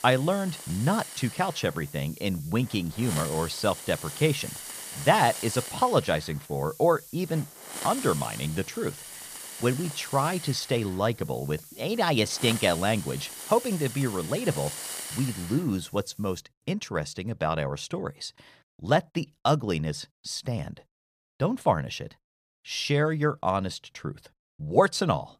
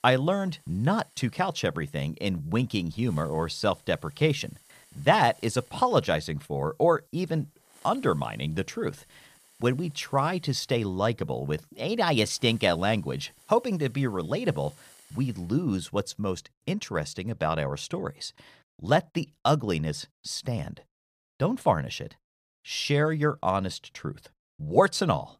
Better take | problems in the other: second | hiss; loud; until 16 s; 10 dB below the speech; faint in the second

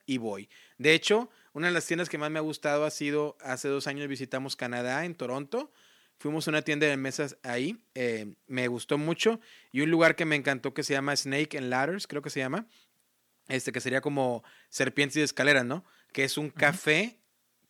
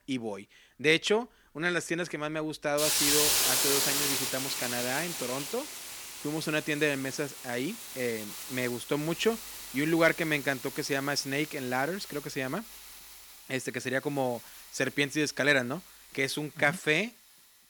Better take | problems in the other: first | hiss; loud; throughout; as loud as the speech

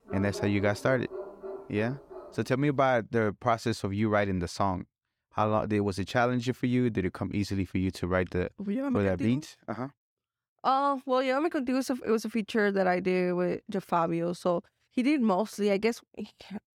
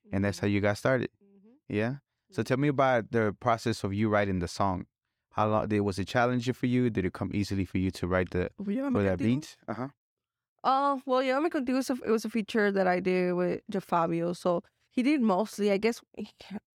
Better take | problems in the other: second | dog barking; faint; until 2.5 s; peak 10 dB below the speech

